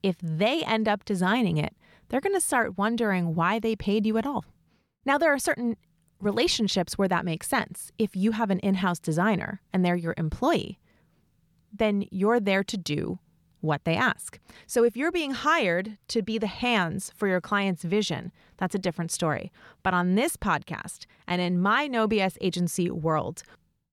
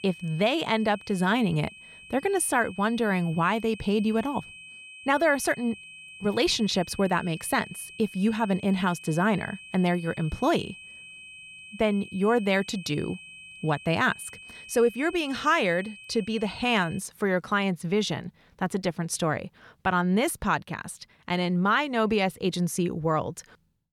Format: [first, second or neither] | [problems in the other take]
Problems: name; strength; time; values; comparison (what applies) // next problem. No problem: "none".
first | high-pitched whine; noticeable; until 17 s; 2.5 kHz, 15 dB below the speech